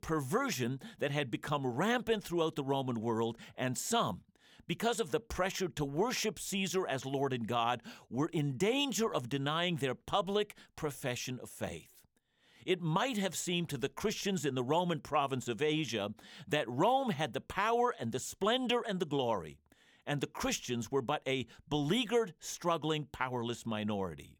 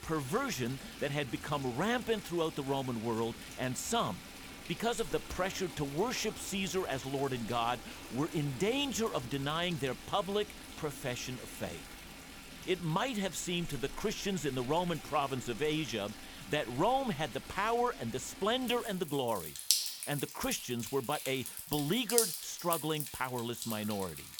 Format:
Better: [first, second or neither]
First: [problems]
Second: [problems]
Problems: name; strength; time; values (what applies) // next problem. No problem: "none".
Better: first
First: none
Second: rain or running water; loud; throughout; 7 dB below the speech